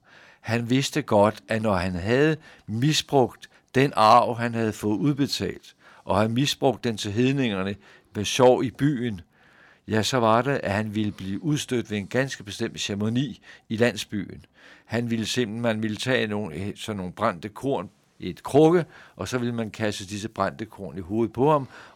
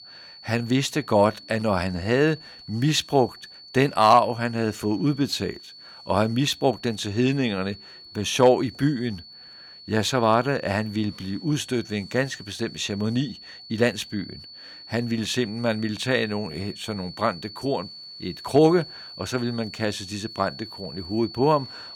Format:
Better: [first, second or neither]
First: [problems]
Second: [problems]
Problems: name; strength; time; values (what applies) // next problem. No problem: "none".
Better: first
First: none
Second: high-pitched whine; noticeable; throughout; 4.5 kHz, 15 dB below the speech